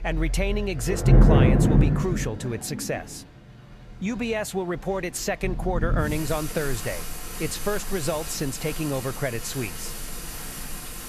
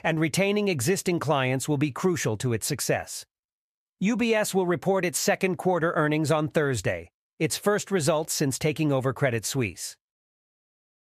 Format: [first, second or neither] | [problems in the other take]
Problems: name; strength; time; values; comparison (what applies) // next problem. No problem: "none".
second | rain or running water; very loud; throughout; 3 dB above the speech